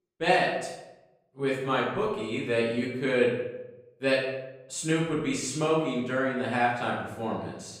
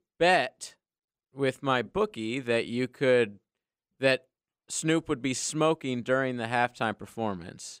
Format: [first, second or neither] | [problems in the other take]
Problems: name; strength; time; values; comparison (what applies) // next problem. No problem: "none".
second | room echo; noticeable; dies away in 0.7 s // off-mic speech; far